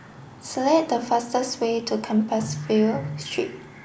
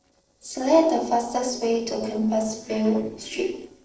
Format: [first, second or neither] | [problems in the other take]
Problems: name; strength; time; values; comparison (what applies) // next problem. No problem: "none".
first | noise reduction (neural separator model SepFormer DNS4)